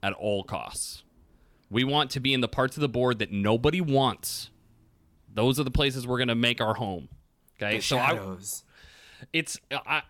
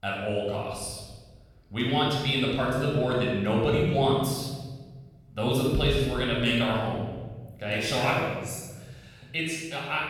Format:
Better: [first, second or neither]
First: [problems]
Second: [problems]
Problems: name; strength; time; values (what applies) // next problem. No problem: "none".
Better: first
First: none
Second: off-mic speech; far // room echo; strong; dies away in 1.3 s